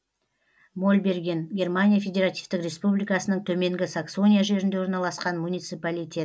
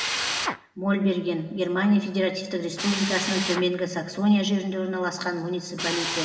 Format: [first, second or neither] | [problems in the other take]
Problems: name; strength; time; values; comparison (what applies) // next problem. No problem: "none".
first | background sound (Drill); 8 dB below the speech // room echo; dies away in 2.9 s